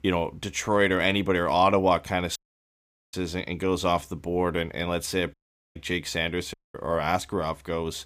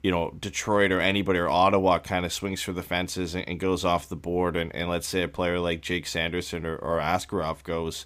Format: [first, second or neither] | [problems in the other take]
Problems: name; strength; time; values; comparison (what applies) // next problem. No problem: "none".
second | audio cutting out; at 2.5 s for 1 s, at 5.5 s and at 6.5 s